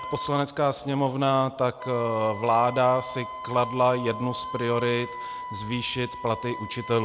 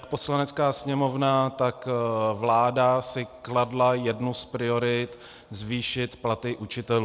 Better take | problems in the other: second | background sound (Wind instrument, woodwind instrument); 11 dB below the speech

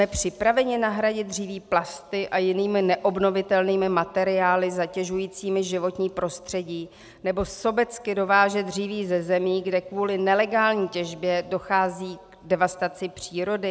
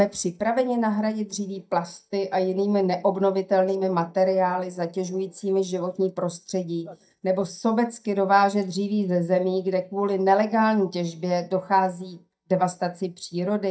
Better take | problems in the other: first | noise reduction (neural mask model DeepFilterNet 3)

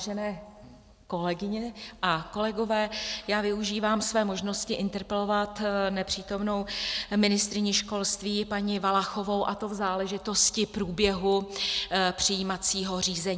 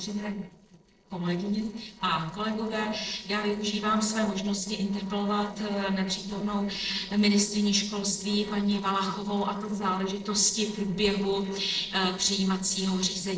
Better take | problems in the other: first | noise reduction (neural separator model SepFormer DNS4)

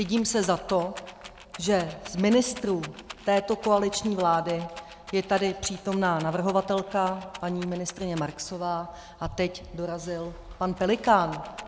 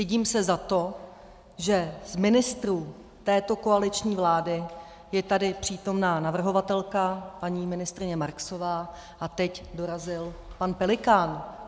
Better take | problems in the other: second | background sound (Rattle); 19 dB below the speech

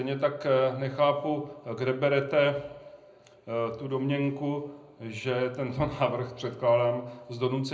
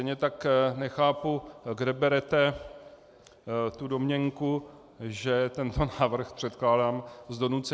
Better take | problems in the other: second | room echo; dies away in 0.5 s

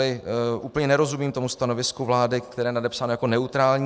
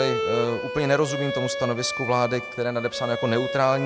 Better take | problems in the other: first | background sound (Bowed string instrument); 5 dB below the speech

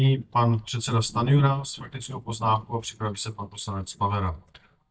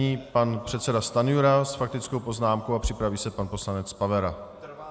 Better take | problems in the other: second | noise reduction (neural mask model DeepFilterNet 3)

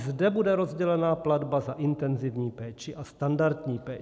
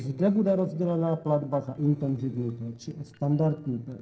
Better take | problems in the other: first | noise reduction (neural separator model SepFormer DNS4)

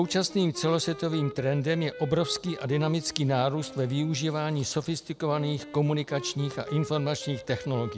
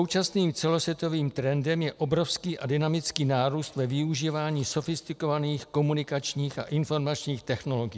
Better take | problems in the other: second | background sound (Wind instrument, woodwind instrument); 15 dB below the speech

